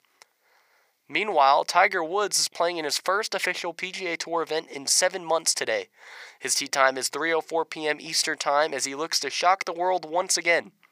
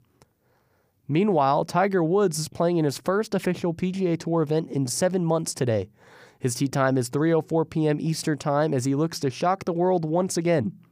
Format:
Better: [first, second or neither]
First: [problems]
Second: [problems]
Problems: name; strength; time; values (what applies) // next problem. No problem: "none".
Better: second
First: thin; very; fading below 750 Hz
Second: none